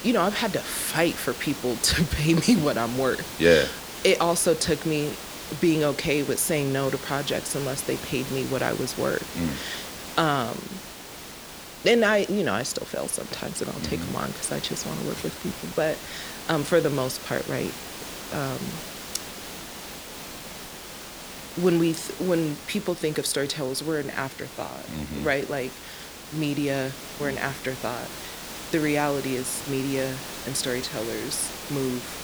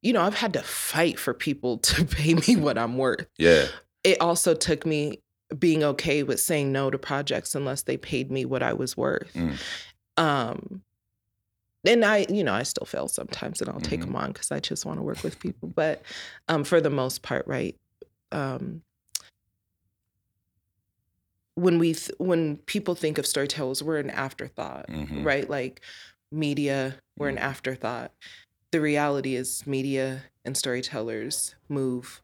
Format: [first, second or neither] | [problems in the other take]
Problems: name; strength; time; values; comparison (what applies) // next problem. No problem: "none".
second | hiss; noticeable; throughout; 10 dB below the speech